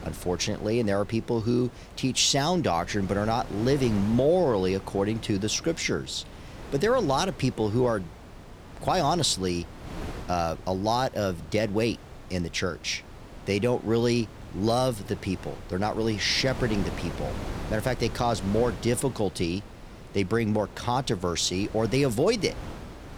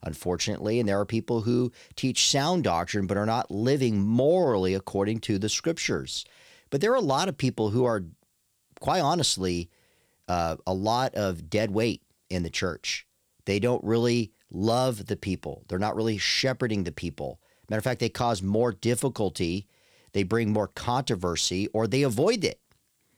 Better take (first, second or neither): second